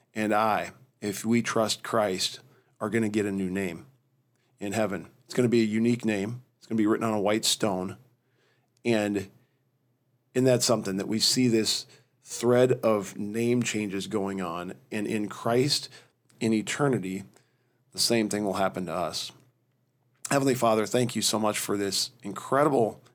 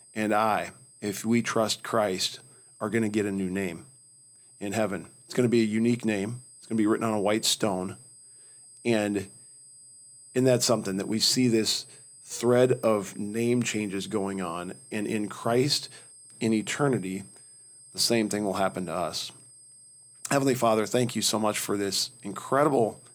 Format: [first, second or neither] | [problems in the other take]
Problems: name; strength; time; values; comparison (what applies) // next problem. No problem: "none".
first | high-pitched whine; faint; throughout; 8 kHz, 20 dB below the speech